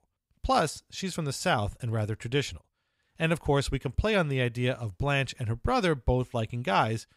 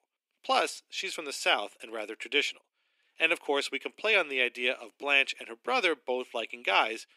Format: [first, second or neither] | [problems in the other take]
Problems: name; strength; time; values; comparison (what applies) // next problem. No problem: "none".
first | thin; very; fading below 300 Hz